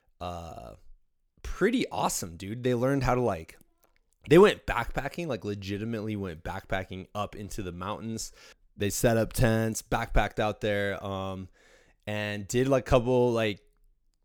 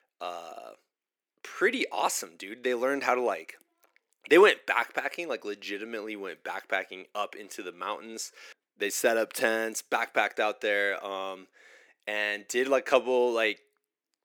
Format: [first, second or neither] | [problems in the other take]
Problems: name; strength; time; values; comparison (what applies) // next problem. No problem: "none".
first | thin; somewhat; fading below 300 Hz